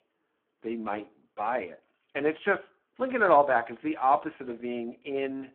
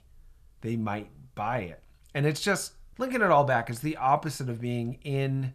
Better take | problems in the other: second | phone-call audio; poor line

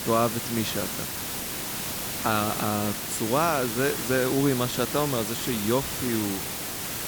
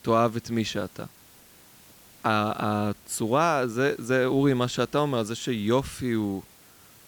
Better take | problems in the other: second | hiss; loud; throughout; 2 dB below the speech; faint in the second

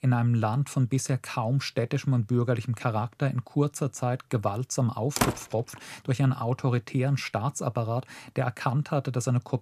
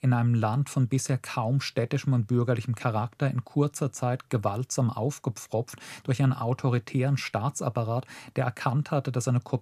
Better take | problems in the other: second | door banging; loud; at 5 s; peak level with the speech

